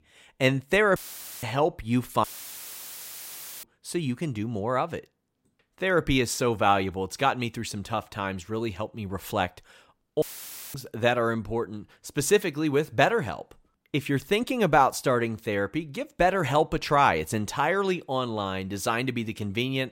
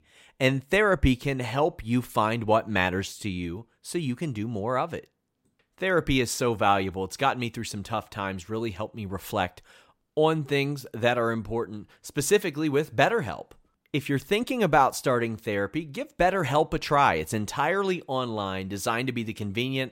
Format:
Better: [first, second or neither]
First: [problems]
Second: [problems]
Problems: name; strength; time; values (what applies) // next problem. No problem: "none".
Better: second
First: audio cutting out; filled with static; at 1 s, at 2 s for 1.5 s and at 10 s for 0.5 s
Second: none